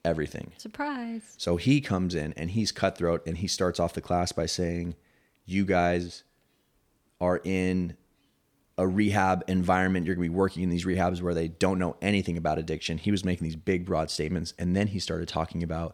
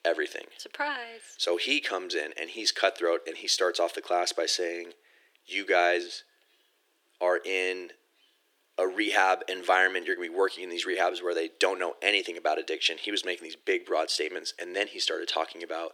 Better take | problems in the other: first | thin; very; fading below 350 Hz

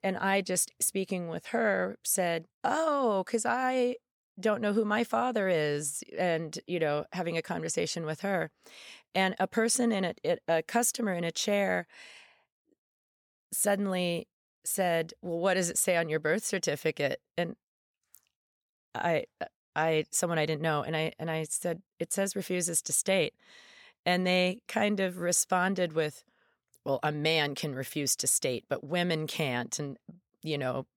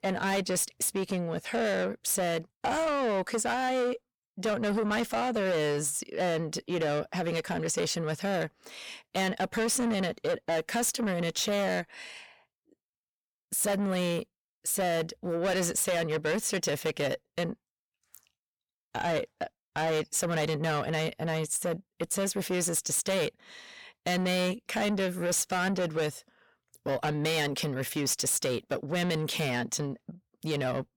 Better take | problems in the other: first | distortion; heavy; 8 dB below the speech

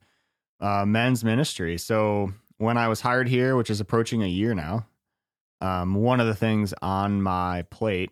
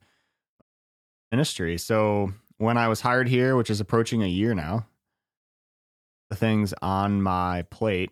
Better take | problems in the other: first | audio cutting out; at 0.5 s for 0.5 s and at 5.5 s for 1 s

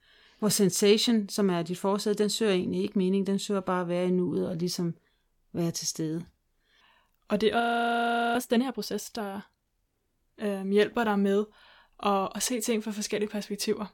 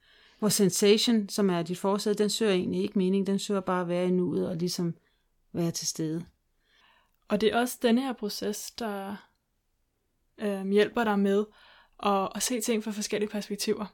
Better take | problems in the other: second | audio freezing; at 7.5 s for 1 s

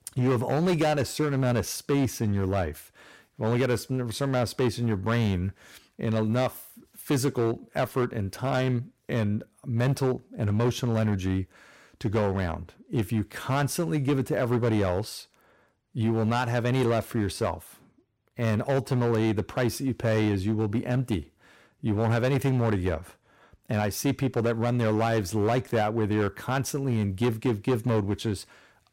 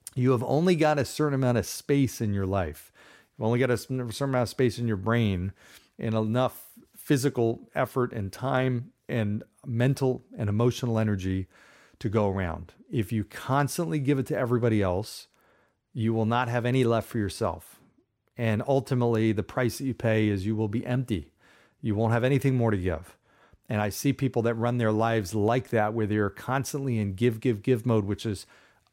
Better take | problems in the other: second | distortion; slight; 10% of the sound clipped

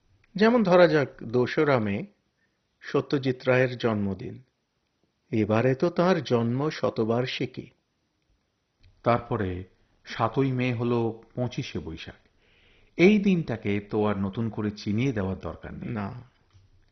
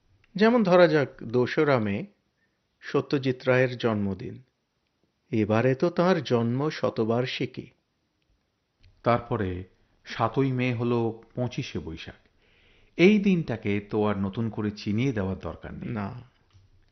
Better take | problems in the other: second | garbled, watery; badly; nothing above 6 kHz; slightly in the second

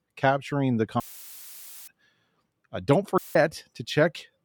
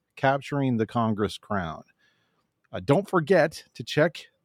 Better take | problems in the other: second | audio cutting out; filled with static; at 1 s for 1 s and at 3 s

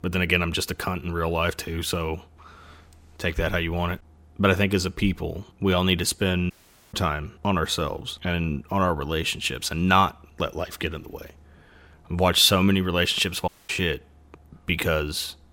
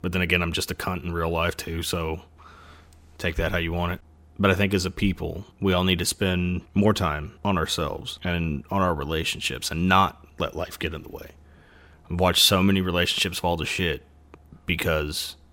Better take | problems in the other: second | audio cutting out; at 6.5 s and at 13 s

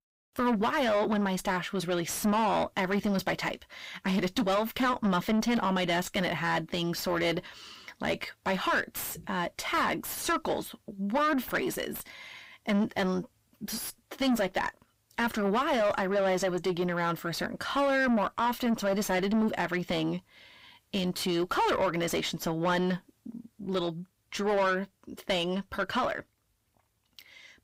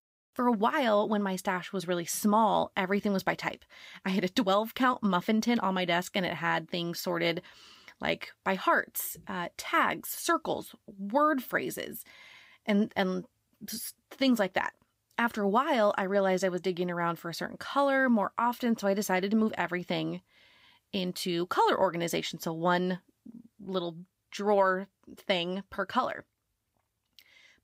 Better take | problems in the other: second | distortion; heavy; 7 dB below the speech

